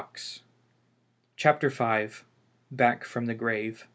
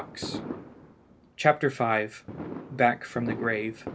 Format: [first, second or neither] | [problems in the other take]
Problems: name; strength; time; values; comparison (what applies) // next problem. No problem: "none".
first | background sound (Fireworks); 11 dB below the speech